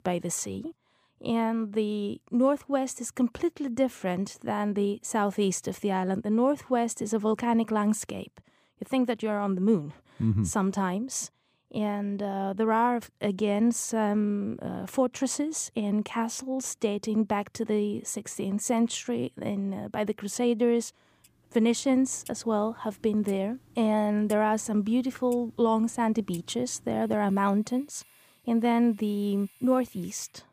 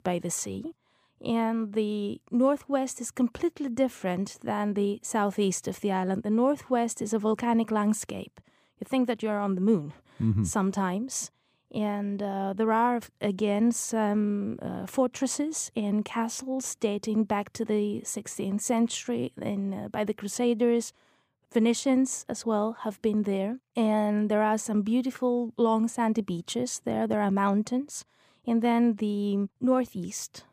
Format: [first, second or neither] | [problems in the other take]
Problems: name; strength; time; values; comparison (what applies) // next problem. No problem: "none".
second | household noises; faint; from 22 s on; 25 dB below the speech